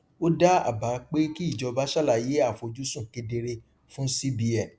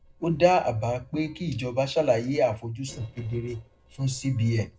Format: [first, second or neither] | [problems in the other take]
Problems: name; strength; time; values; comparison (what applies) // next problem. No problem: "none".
first | noise reduction (neural separator model SepFormer DNS4)